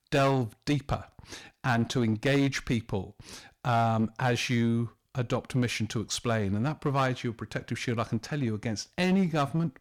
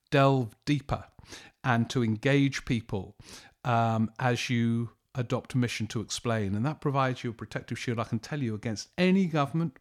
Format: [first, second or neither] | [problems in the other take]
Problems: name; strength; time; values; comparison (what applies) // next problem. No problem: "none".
second | distortion; slight; 9% of the sound clipped